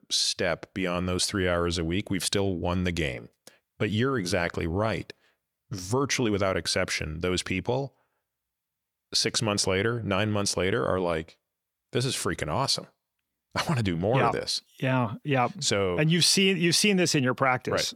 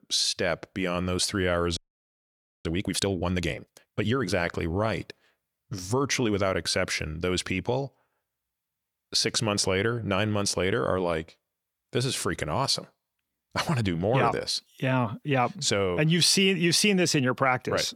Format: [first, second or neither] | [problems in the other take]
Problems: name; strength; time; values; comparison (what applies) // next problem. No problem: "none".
first | audio freezing; at 2 s for 1 s